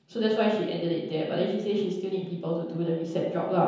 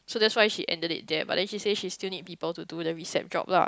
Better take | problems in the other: second | room echo; dies away in 0.9 s

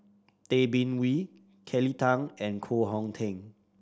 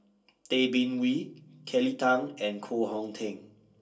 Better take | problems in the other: first | room echo; dies away in 0.2 s

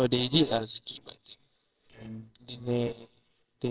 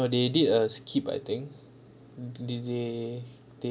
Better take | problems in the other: second | noise reduction (neural separator model SepFormer WHAMR!)

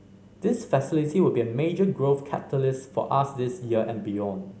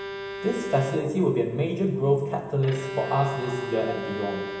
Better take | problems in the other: first | background sound (Bowed string instrument); 9 dB below the speech // room echo; dies away in 1.4 s

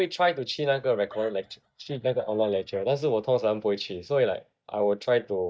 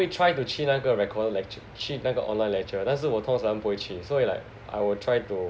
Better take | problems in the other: second | noise reduction (neural mask model DeepFilterNet 3)

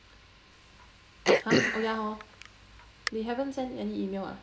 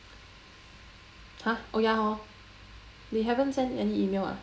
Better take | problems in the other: second | background sound (Cough); 5 dB above the speech

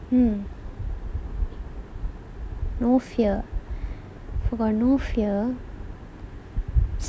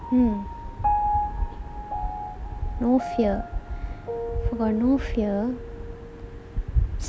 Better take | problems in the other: first | background sound (Piano); 6 dB below the speech

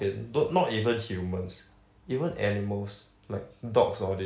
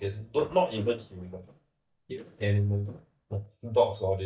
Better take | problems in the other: first | noise reduction (neural mask model DeepFilterNet 3)

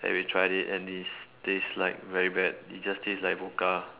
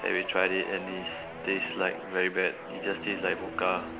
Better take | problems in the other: first | background sound (Guitar); 10 dB below the speech

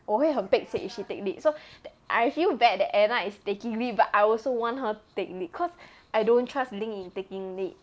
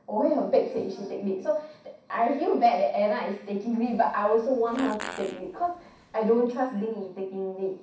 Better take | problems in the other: first | background sound (Fart); 16 dB below the speech // room echo; dies away in 0.6 s

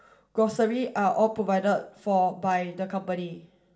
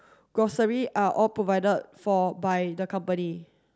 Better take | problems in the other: second | room echo; dies away in 0.5 s

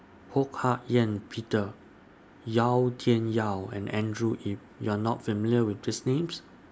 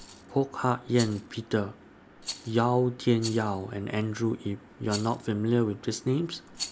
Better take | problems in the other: first | background sound (Rattle); 16 dB below the speech

